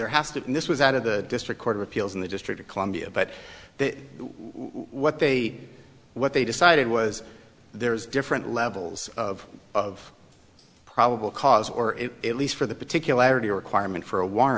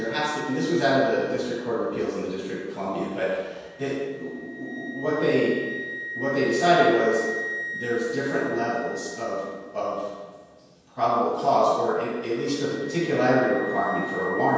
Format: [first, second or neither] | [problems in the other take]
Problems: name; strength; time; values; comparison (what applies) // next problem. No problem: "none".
first | background sound (Wind instrument, woodwind instrument); 12 dB below the speech // room echo; dies away in 1.2 s